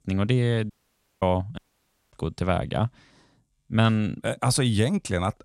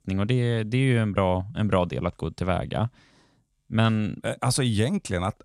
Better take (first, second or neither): second